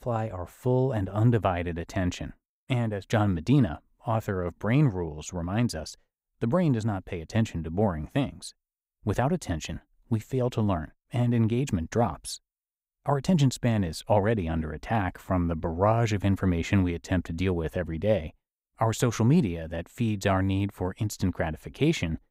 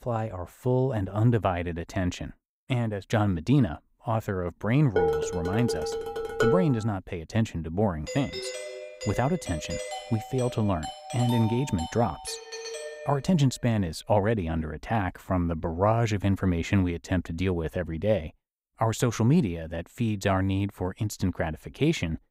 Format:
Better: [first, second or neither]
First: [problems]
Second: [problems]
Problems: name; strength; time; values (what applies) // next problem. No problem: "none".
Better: first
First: none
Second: clattering dishes; loud; from 5 to 6.5 s; peak 2 dB above the speech // doorbell; noticeable; from 8 to 13 s; peak 6 dB below the speech